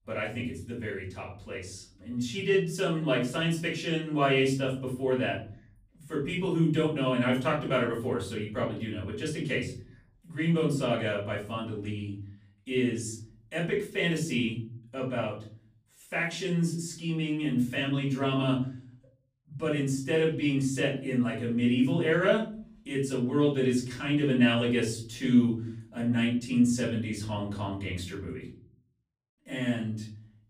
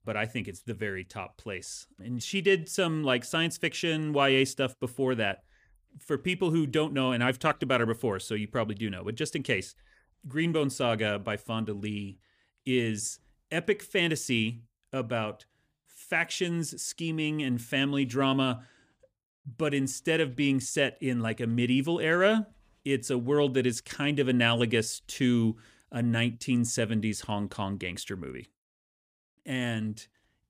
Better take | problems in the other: second | off-mic speech; far // room echo; slight; dies away in 0.6 s

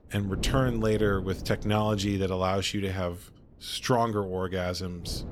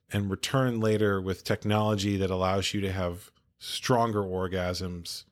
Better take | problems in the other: second | wind noise on the microphone; occasional gusts; 15 dB below the speech

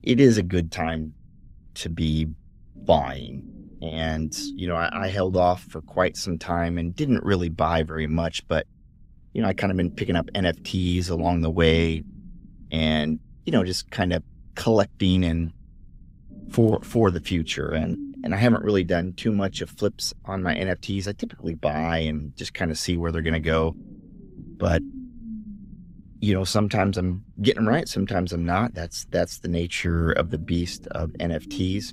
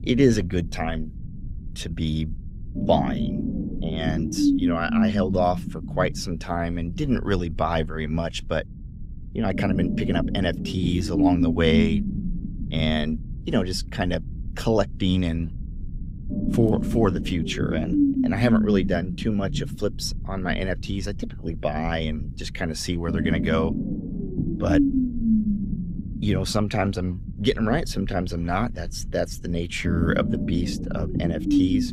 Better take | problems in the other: first | low rumble; loud; throughout; 4 dB below the speech; faint in the first

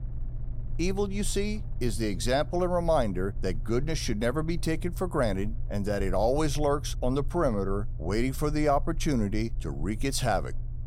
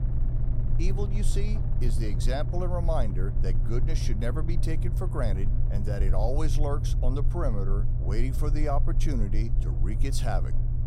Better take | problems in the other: first | low rumble; loud; throughout; 8 dB below the speech; faint in the first

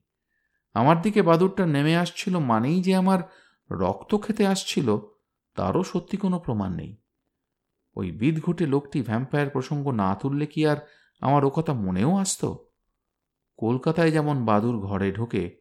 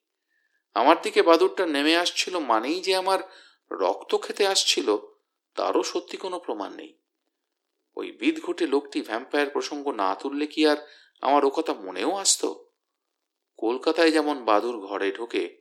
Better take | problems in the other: first | thin; somewhat; fading below 300 Hz

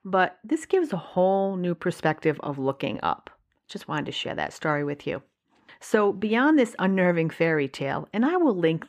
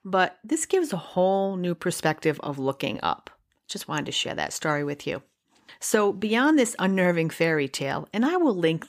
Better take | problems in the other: second | muffled; slightly; fading above 4 kHz

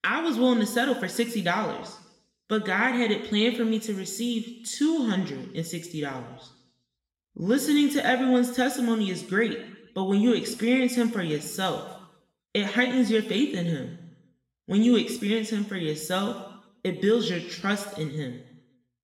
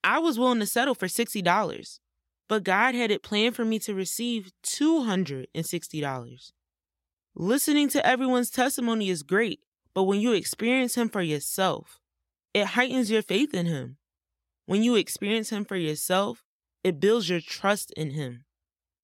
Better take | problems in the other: second | room echo; slight; dies away in 0.9 s

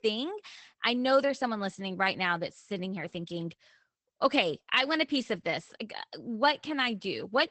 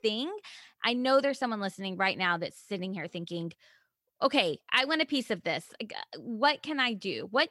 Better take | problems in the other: second | garbled, watery; badly; nothing above 8 kHz

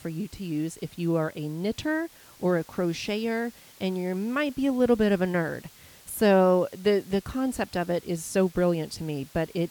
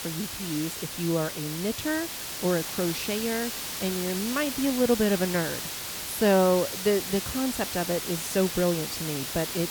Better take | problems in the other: first | hiss; loud; throughout; 4 dB below the speech; faint in the first

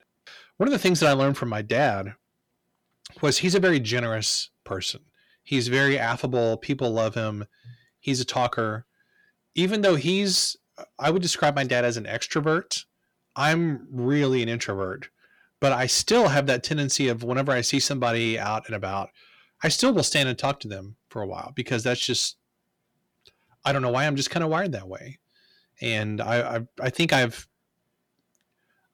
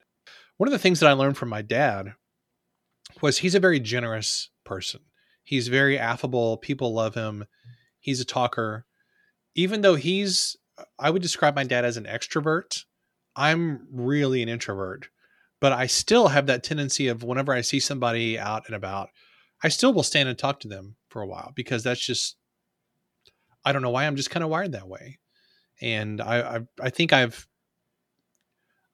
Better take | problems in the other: second | distortion; slight; 10 dB below the speech

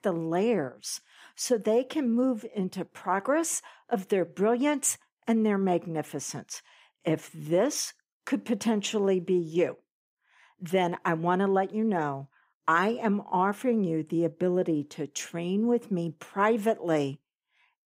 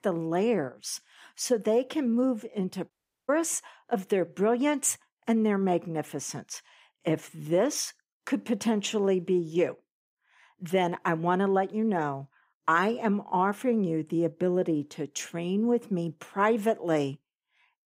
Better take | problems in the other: first | audio cutting out; at 3 s

